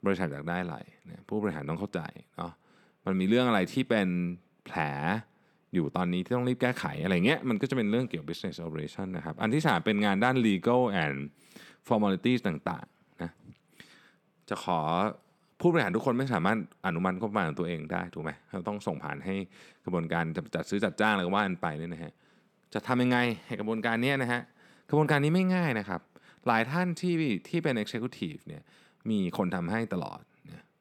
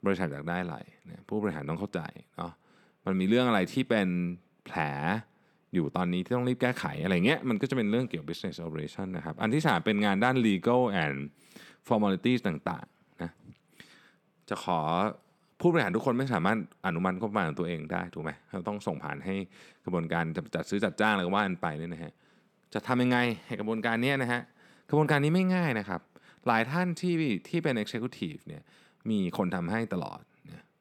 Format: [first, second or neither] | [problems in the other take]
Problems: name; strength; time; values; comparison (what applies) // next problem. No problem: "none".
neither | none